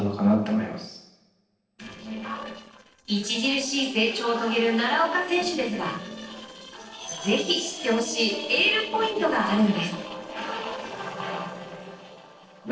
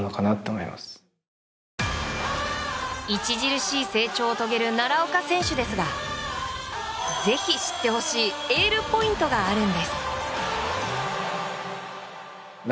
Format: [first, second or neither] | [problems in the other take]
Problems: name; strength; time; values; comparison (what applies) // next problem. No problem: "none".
second | noise reduction (neural separator model SepFormer DNS4)